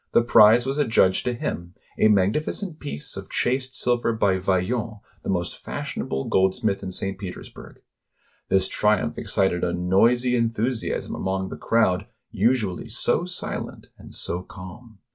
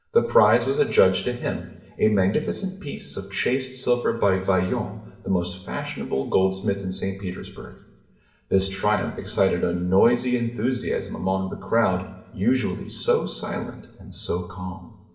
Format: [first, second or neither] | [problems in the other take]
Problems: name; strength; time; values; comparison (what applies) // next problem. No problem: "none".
first | room echo; dies away in 1.4 s